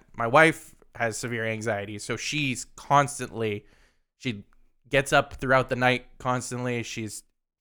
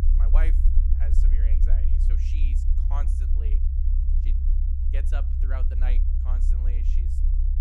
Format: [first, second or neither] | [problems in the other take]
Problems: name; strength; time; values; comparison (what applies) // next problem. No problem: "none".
first | low rumble; loud; throughout; 2 dB below the speech